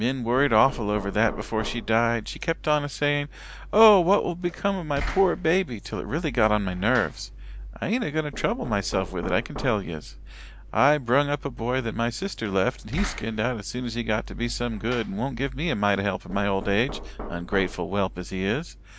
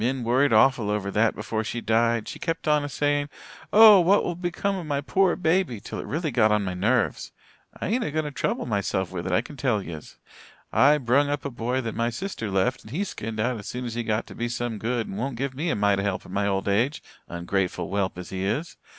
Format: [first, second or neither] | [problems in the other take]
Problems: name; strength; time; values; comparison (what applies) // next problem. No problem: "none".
second | background sound (Knock); 12 dB below the speech